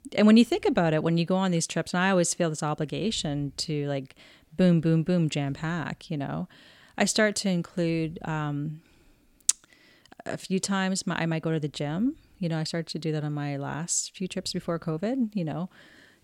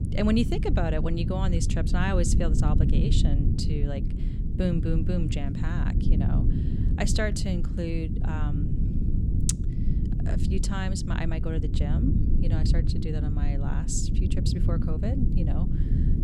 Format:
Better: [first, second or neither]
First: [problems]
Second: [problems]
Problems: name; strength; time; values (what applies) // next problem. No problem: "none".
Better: first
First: none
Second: low rumble; loud; throughout; 5 dB below the speech